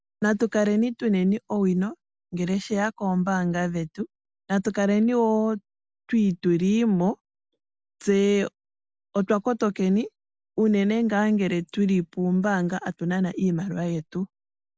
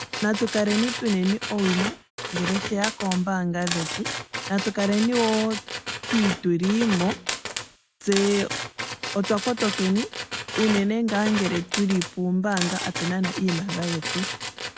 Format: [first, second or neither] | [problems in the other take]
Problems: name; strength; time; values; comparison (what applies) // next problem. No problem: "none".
first | background sound (Tools); 6 dB below the speech